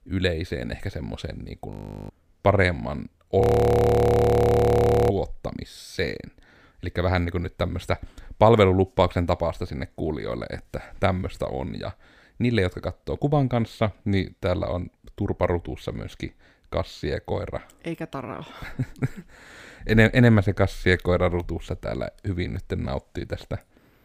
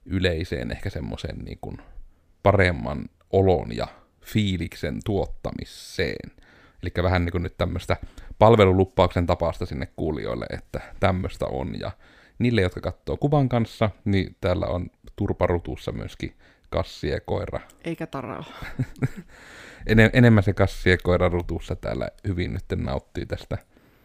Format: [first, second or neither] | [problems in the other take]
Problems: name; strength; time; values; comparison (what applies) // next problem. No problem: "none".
second | audio freezing; at 1.5 s and at 3.5 s for 1.5 s